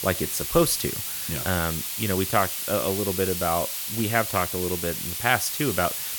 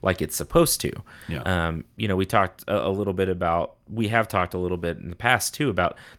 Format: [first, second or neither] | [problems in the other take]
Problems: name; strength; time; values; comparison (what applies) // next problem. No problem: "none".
second | hiss; loud; throughout; 2 dB below the speech